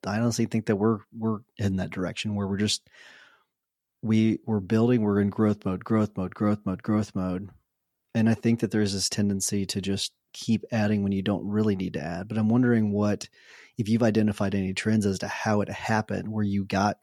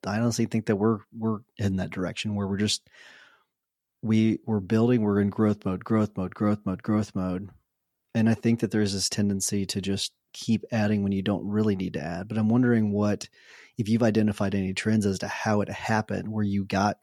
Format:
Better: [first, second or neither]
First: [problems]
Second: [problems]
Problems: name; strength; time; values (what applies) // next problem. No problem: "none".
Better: neither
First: none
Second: none